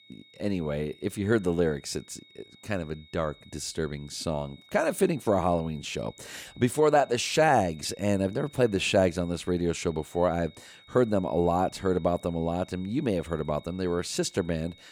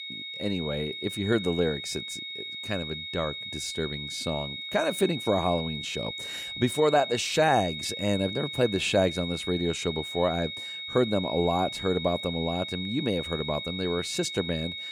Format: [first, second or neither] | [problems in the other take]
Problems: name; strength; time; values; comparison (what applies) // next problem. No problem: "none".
first | high-pitched whine; loud; throughout; 4 kHz, 6 dB below the speech; faint in the first